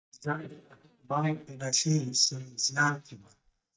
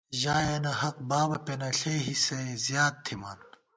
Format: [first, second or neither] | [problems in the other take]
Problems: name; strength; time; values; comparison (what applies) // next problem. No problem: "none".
second | noise reduction (neural mask model DeepFilterNet 3)